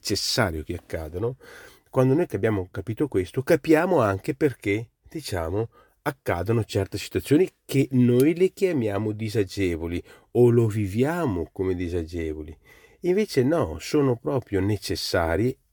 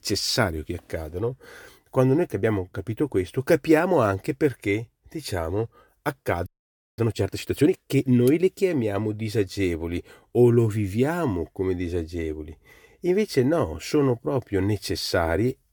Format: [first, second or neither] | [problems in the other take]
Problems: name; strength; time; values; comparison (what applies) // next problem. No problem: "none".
first | audio freezing; at 6.5 s for 0.5 s